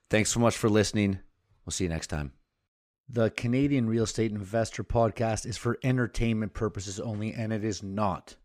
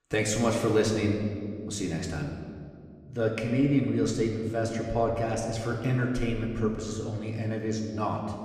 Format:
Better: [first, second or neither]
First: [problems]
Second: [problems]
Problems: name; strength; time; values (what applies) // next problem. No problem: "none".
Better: first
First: none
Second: room echo; noticeable; dies away in 1.8 s // off-mic speech; somewhat distant